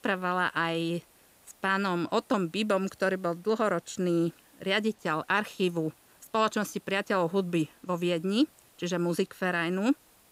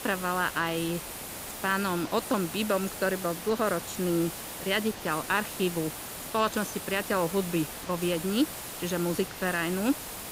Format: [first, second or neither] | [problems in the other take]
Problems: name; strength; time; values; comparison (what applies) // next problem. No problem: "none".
first | hiss; loud; throughout; 7 dB below the speech; faint in the first